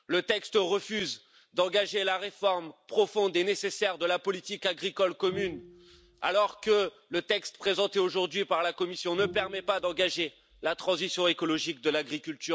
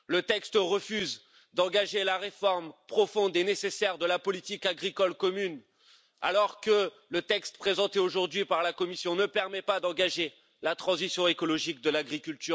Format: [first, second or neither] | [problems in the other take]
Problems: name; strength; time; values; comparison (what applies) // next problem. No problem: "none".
second | background sound (Bowed string instrument); 17 dB below the speech